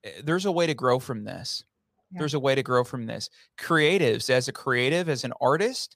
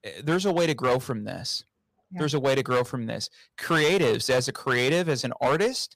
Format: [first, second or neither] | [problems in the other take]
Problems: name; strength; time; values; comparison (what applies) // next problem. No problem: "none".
first | distortion; slight; 8% of the sound clipped